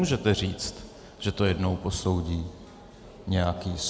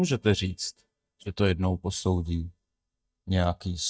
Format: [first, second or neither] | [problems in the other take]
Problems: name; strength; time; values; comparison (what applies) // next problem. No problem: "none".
first | noise reduction (neural mask model DeepFilterNet 3)